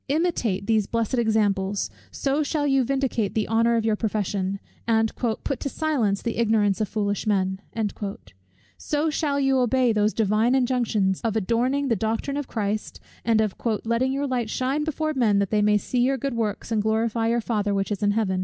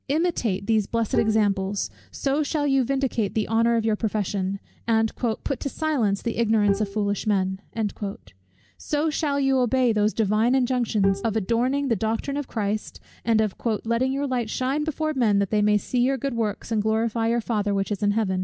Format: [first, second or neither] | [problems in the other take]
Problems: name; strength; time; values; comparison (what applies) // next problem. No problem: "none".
first | background sound (Bowed string instrument); 10 dB below the speech